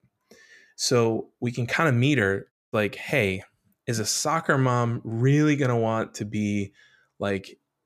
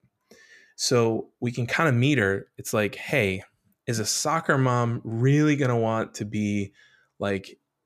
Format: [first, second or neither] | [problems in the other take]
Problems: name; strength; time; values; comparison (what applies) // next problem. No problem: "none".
second | audio cutting out; at 2.5 s